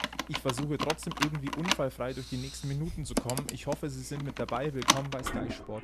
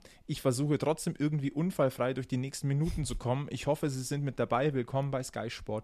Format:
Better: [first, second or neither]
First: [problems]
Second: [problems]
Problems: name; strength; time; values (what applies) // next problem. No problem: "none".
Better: second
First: household noises; very loud; throughout; 2 dB above the speech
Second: none